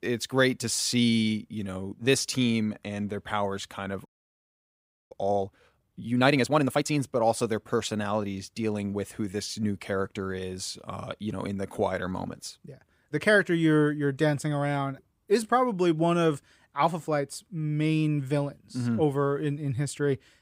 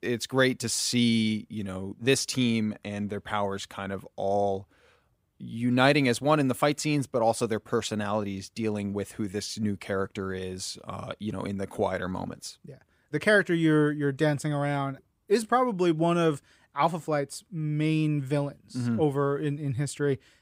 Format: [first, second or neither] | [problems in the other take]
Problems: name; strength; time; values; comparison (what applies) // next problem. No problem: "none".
second | audio freezing; at 4 s for 1 s